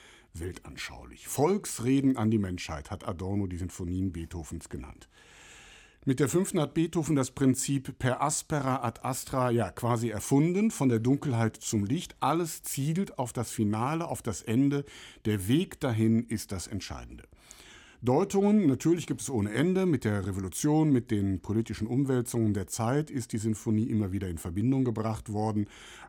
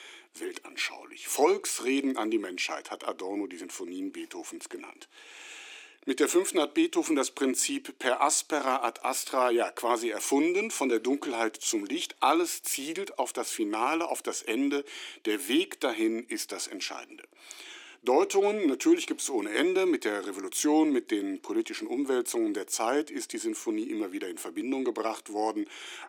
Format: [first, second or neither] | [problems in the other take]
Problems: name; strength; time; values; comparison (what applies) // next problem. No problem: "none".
first | thin; somewhat; fading below 300 Hz